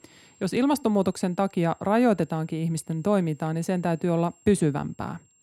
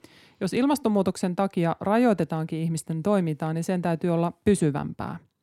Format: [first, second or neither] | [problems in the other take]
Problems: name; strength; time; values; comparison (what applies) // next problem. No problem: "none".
second | high-pitched whine; faint; throughout; 7.5 kHz, 30 dB below the speech